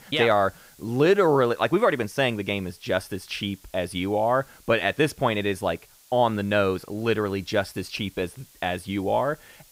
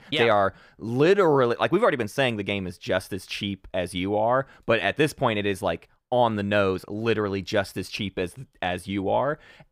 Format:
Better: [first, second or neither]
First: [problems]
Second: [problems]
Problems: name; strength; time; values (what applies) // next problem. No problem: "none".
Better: second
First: hiss; faint; throughout; 25 dB below the speech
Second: none